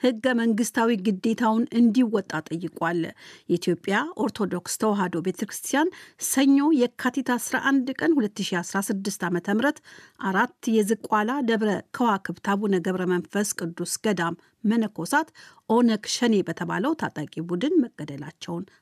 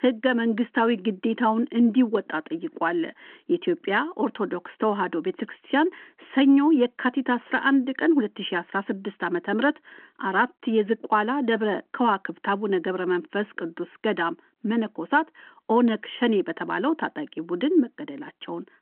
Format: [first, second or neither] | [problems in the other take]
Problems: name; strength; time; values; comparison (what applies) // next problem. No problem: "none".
first | phone-call audio